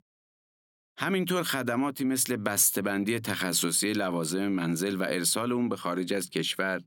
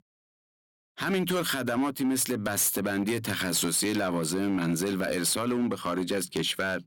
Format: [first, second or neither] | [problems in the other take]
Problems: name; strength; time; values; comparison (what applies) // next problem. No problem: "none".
first | distortion; slight; 9% of the sound clipped